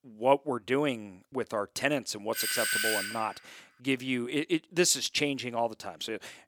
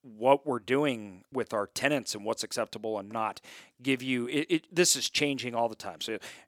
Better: second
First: doorbell; loud; at 2.5 s; peak 4 dB above the speech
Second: none

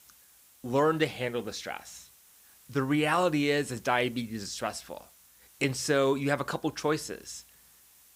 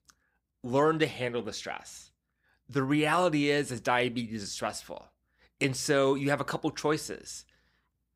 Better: second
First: hiss; faint; throughout; 25 dB below the speech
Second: none

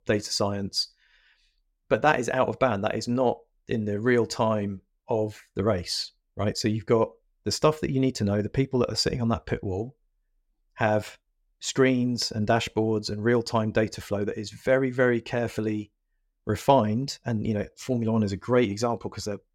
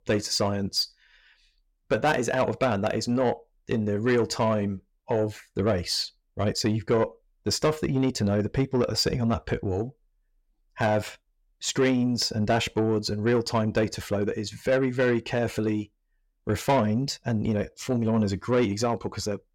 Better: first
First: none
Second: distortion; slight; 10 dB below the speech

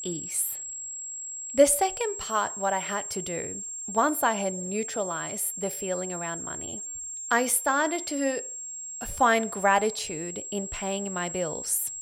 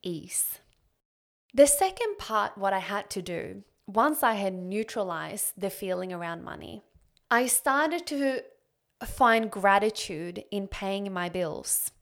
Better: second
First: high-pitched whine; loud; throughout; 7.5 kHz, 7 dB below the speech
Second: none

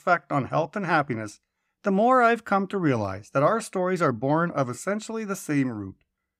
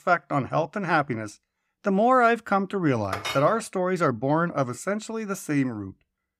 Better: first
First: none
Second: clattering dishes; noticeable; at 3 s; peak 6 dB below the speech

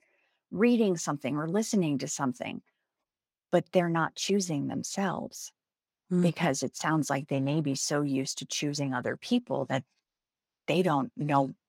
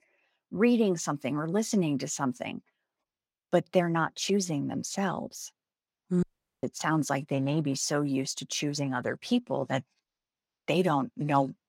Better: first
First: none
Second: audio cutting out; at 6 s

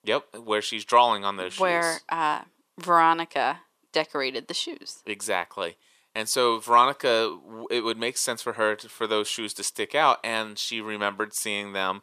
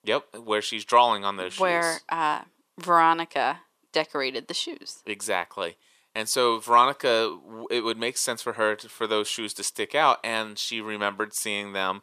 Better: neither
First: thin; very; fading below 450 Hz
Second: thin; very; fading below 450 Hz

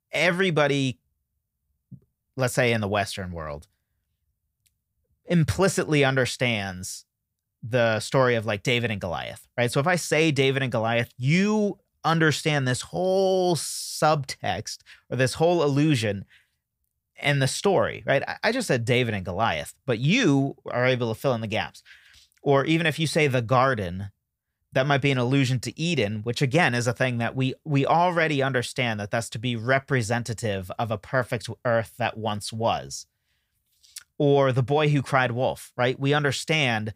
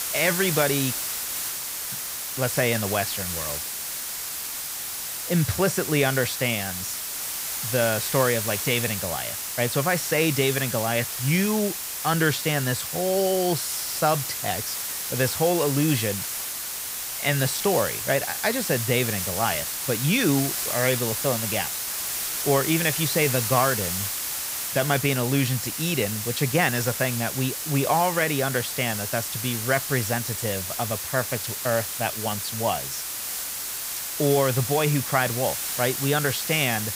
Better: first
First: none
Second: hiss; loud; throughout; 2 dB below the speech

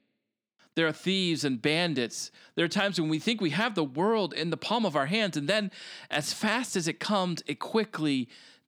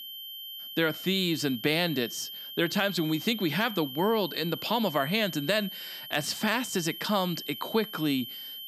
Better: first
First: none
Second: high-pitched whine; loud; throughout; 3 kHz, 10 dB below the speech

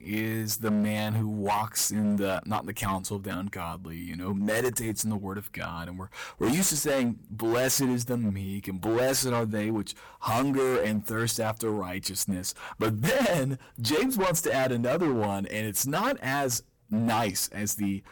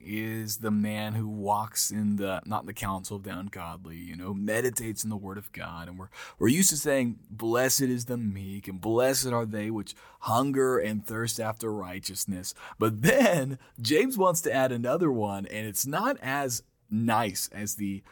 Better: second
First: distortion; heavy; 15% of the sound clipped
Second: none

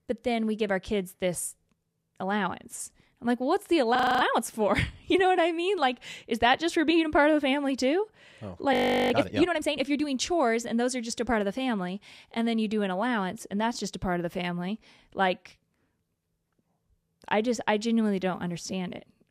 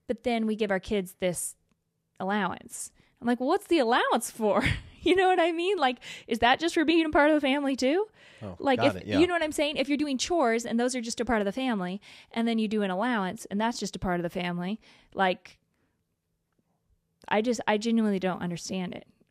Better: second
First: audio freezing; at 4 s and at 8.5 s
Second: none

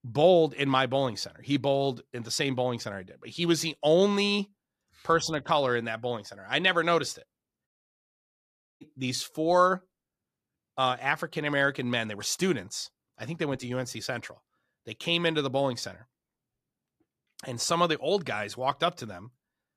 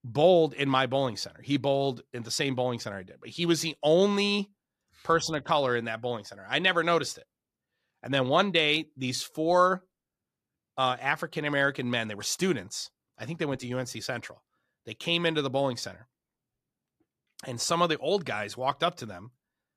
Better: second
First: audio cutting out; at 7.5 s for 1 s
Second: none

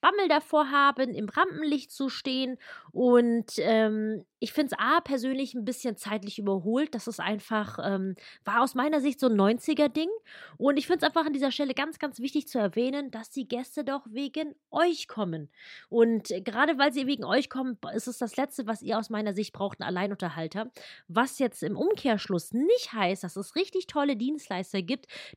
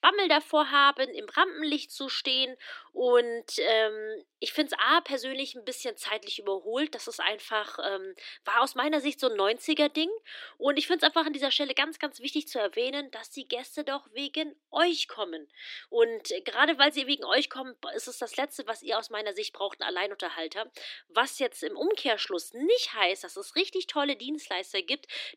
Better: first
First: none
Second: thin; somewhat; fading below 300 Hz

